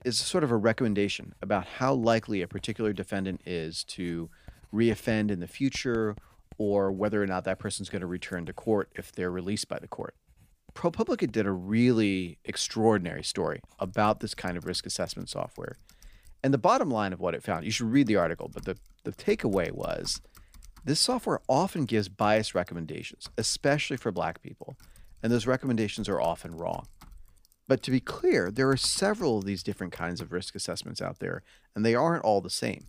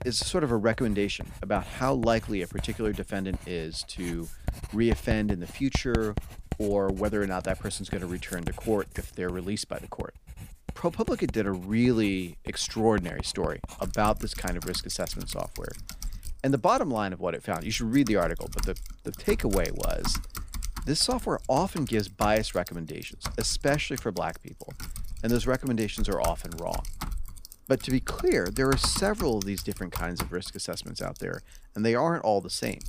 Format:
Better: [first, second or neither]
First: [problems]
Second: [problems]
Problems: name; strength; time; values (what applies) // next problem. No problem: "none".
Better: first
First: household noises; faint; throughout; 25 dB below the speech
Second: household noises; loud; throughout; 10 dB below the speech